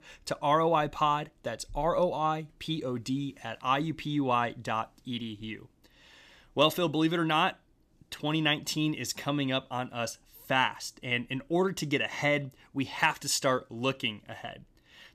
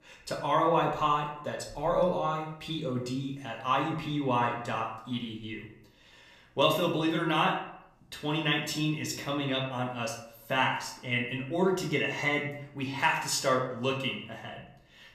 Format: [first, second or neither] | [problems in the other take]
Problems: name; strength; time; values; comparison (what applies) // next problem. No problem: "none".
first | room echo; slight; dies away in 0.5 s // off-mic speech; somewhat distant